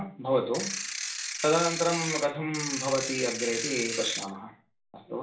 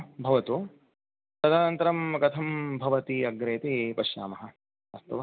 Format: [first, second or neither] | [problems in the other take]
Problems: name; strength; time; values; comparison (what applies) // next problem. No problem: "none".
second | background sound (Ratchet, pawl / Percussion); 4 dB below the speech // room echo; dies away in 0.4 s